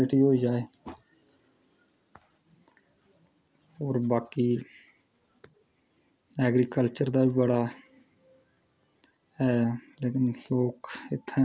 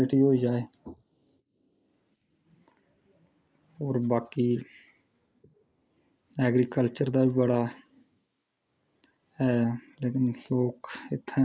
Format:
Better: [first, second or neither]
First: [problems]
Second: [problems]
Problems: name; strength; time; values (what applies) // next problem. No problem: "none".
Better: first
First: none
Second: noise reduction (neural mask model Resemble Enhance denoiser)